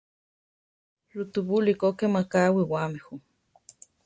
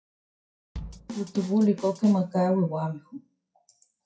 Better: first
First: none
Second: noise reduction (classical method WPE with log-MMSE)

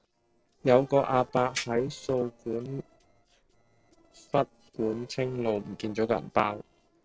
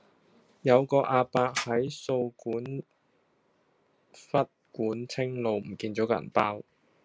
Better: second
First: noise reduction (neural separator model SepFormer DNS4)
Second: none

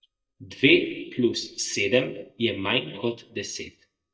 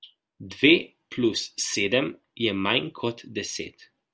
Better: second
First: noise reduction (neural mask model DeepFilterNet 3)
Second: none

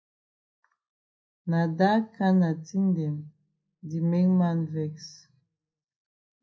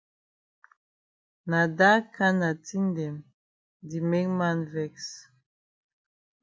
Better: second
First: room echo; dies away in 0.4 s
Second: none

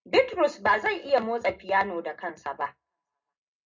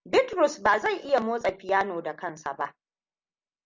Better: second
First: room echo; dies away in 0.2 s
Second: none

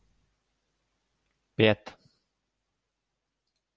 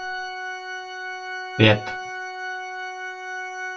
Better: first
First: none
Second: background sound (Organ); 5 dB below the speech // room echo; dies away in 0.2 s

